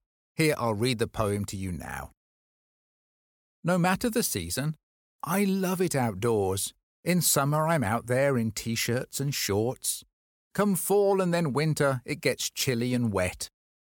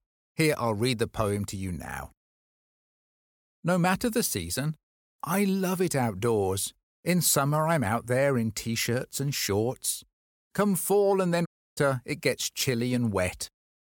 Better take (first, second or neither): first